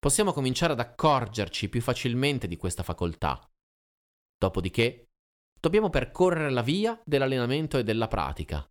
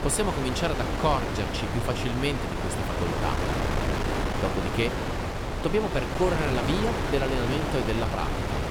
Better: first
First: none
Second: wind noise on the microphone; heavy; as loud as the speech

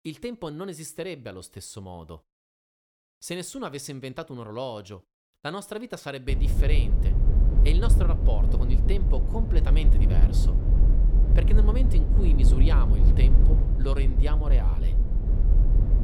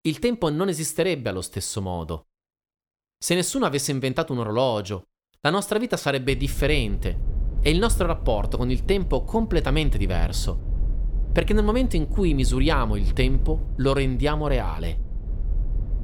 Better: second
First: low rumble; loud; from 6.5 s on; 4 dB below the speech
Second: low rumble; faint; from 6.5 s on; 20 dB below the speech

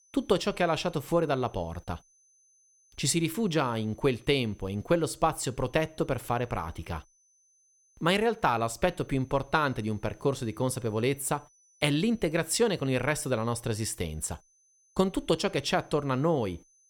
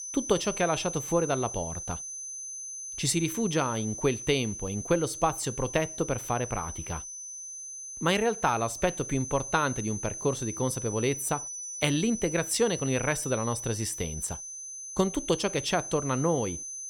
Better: first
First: high-pitched whine; faint; throughout; 6 kHz, 35 dB below the speech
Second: high-pitched whine; loud; throughout; 6 kHz, 7 dB below the speech

